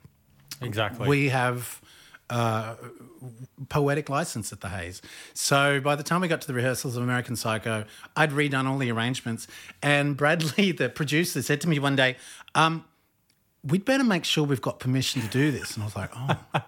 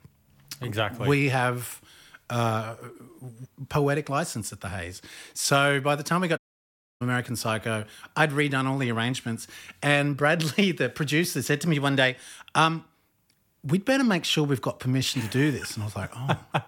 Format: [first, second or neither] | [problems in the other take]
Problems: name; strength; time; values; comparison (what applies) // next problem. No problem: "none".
first | audio cutting out; at 6.5 s for 0.5 s